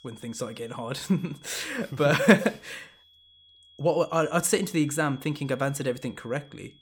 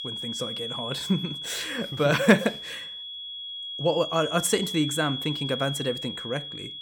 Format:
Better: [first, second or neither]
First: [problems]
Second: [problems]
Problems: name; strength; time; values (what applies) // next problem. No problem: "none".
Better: first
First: high-pitched whine; faint; throughout; 3.5 kHz, 25 dB below the speech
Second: high-pitched whine; loud; throughout; 3.5 kHz, 6 dB below the speech